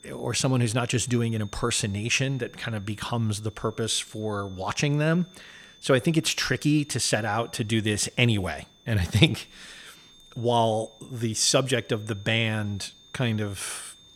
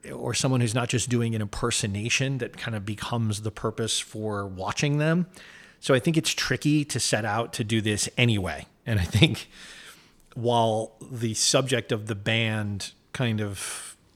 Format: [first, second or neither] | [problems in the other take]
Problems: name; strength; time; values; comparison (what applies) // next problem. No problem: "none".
second | high-pitched whine; faint; throughout; 3.5 kHz, 25 dB below the speech